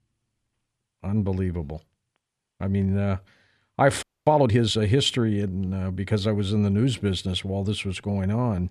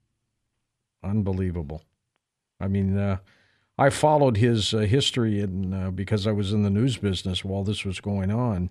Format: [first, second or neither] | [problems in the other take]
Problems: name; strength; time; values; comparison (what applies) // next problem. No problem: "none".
second | audio freezing; at 4 s